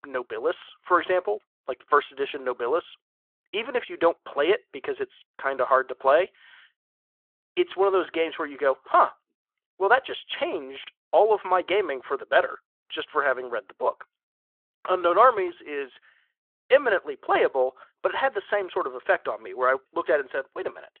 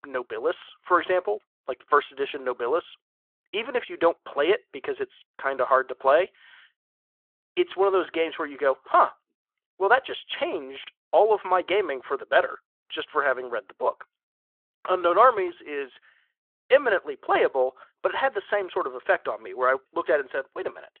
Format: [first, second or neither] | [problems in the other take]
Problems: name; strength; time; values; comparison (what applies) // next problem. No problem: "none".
neither | phone-call audio; the same in both